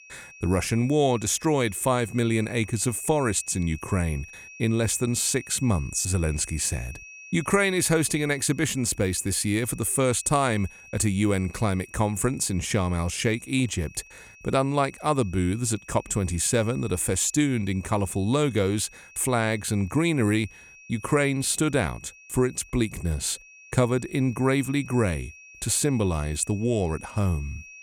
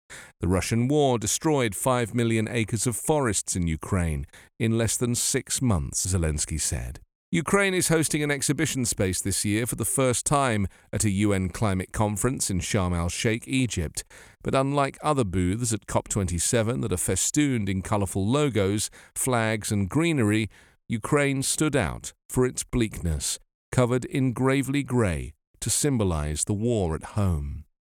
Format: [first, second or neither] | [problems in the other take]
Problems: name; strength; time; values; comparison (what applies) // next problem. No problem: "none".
second | high-pitched whine; faint; throughout; 2.5 kHz, 20 dB below the speech